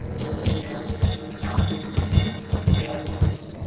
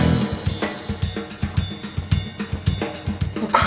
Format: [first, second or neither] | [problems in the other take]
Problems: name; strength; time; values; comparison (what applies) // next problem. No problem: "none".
second | noise reduction (neural separator model SepFormer DNS4)